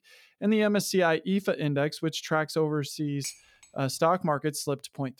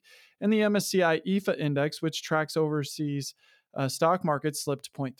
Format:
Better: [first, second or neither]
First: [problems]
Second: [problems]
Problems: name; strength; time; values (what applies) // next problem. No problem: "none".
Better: second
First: clattering dishes; faint; at 3 s; peak 15 dB below the speech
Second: none